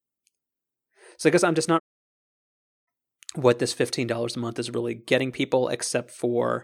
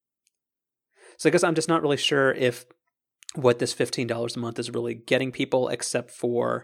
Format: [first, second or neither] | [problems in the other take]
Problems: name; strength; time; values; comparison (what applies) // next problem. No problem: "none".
second | audio cutting out; at 2 s for 1 s